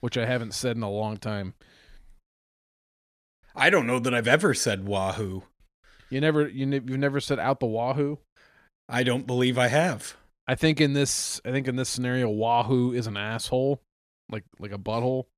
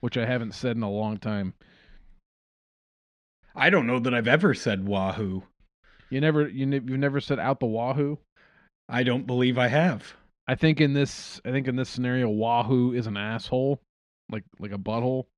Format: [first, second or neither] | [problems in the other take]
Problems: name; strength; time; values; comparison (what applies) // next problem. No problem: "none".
first | muffled; slightly; fading above 3 kHz